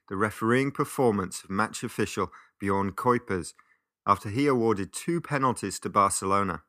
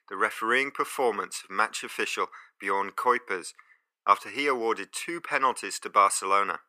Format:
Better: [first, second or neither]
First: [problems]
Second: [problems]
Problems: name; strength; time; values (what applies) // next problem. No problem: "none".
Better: first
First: none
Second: thin; very; fading below 550 Hz